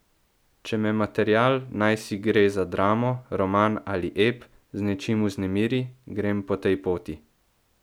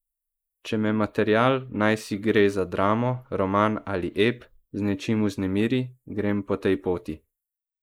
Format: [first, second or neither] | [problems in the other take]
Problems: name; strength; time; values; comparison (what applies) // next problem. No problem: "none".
first | noise reduction (neural mask model Resemble Enhance denoiser)